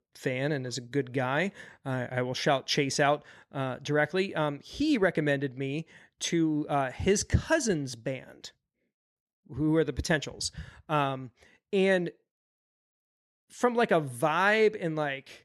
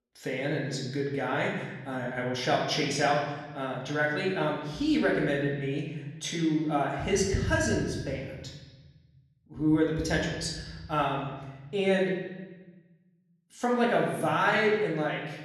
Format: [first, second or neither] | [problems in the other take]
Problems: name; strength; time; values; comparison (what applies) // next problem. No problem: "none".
first | room echo; noticeable; dies away in 1.2 s // off-mic speech; far